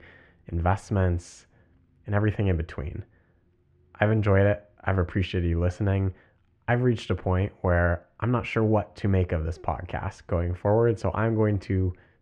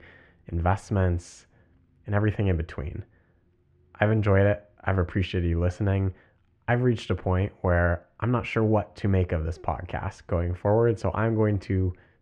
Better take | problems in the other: neither | muffled; very; fading above 2 kHz; the same in both

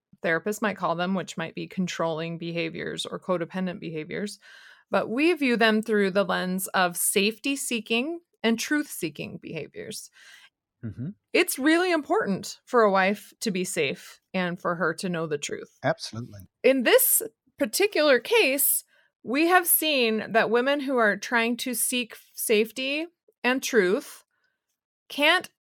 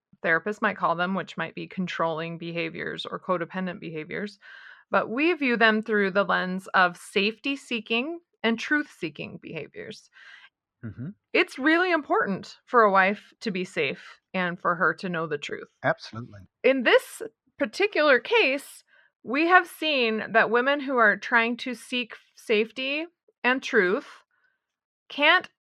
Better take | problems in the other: first | muffled; slightly; fading above 3.5 kHz

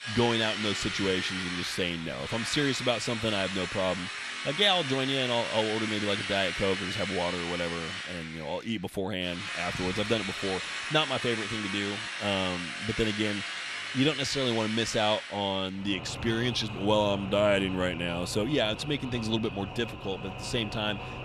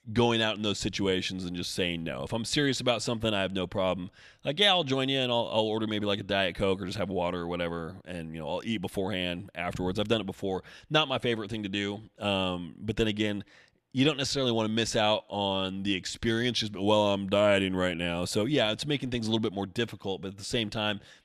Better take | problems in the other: second | machinery noise; loud; throughout; 5 dB below the speech

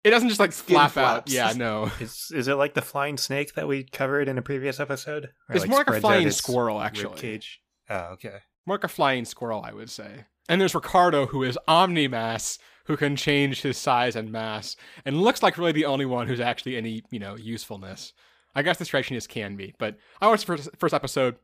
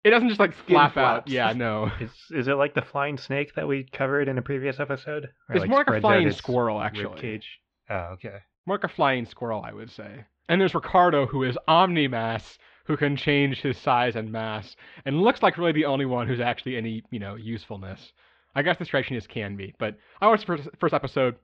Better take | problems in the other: first | muffled; slightly; fading above 3.5 kHz

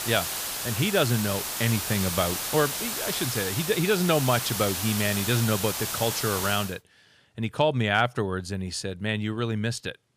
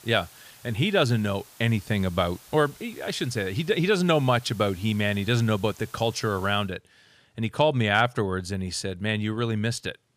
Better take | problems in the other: second | hiss; loud; until 6.5 s; 2 dB below the speech; faint in the second

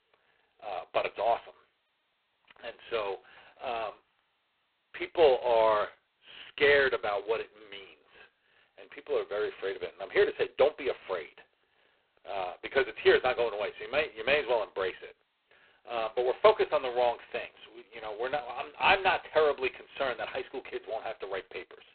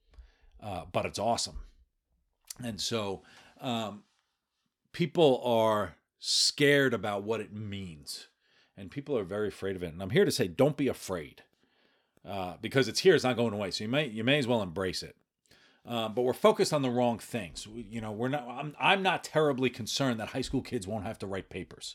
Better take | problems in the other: second | phone-call audio; poor line; nothing above 4 kHz

